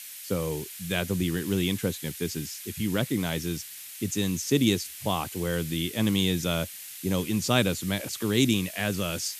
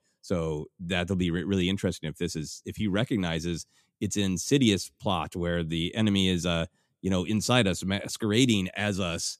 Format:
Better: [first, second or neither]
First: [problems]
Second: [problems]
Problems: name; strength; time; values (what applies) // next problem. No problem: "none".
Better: second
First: hiss; noticeable; throughout; 10 dB below the speech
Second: none